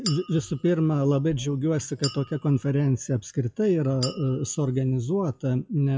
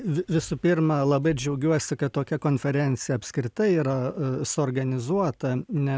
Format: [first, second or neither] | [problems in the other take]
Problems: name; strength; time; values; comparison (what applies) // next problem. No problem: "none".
second | noise reduction (classical method WPE with log-MMSE)